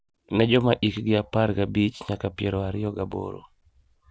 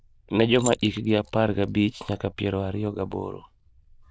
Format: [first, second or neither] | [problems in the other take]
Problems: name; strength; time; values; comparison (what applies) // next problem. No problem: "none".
first | noise reduction (neural diffusion model UNIVERSE++)